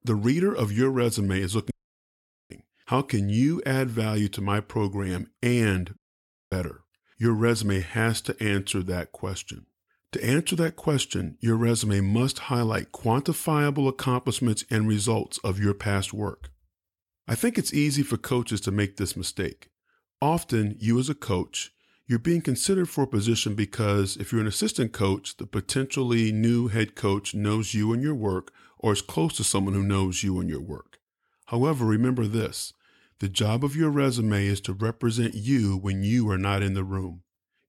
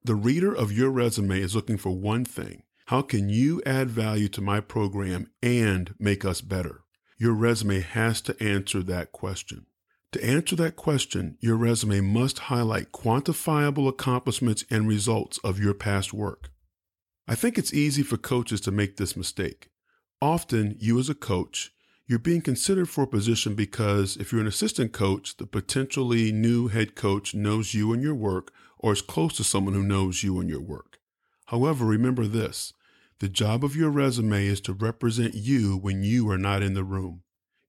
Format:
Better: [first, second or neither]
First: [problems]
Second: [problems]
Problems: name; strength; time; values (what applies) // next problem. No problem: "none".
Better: second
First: audio cutting out; at 1.5 s for 1 s and at 6 s for 0.5 s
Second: none